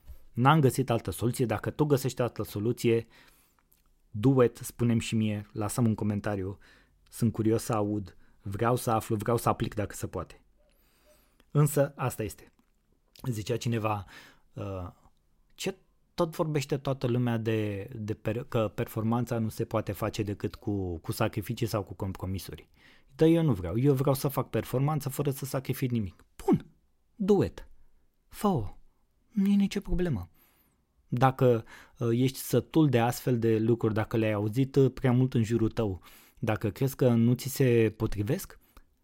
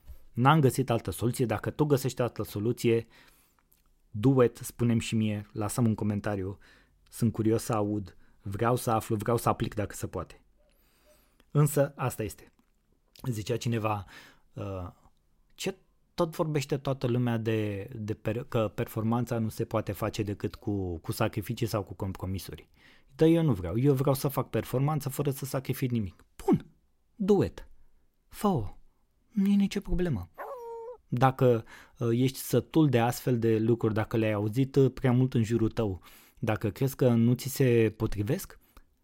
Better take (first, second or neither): first